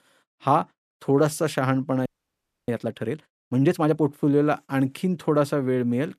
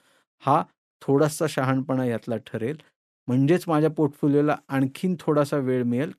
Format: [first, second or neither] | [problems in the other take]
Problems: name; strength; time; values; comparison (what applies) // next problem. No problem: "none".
second | audio freezing; at 2 s for 0.5 s